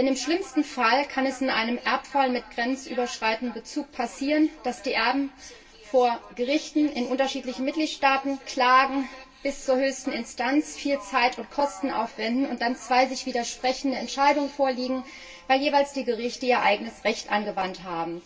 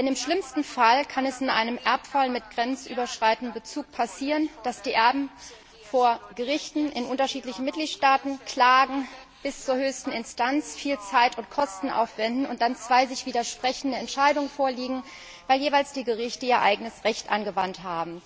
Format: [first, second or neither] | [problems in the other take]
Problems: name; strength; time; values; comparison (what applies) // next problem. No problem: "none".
second | room echo; dies away in 0.2 s